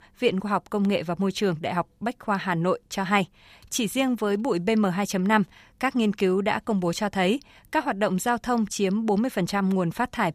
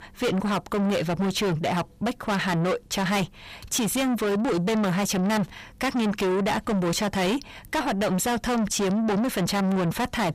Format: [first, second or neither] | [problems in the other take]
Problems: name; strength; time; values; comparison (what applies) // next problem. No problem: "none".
first | distortion; heavy; 6 dB below the speech